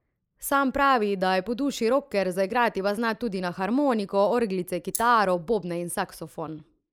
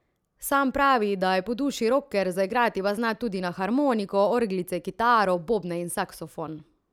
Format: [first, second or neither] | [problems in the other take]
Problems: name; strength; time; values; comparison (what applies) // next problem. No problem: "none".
second | noise reduction (neural mask model Resemble Enhance denoiser)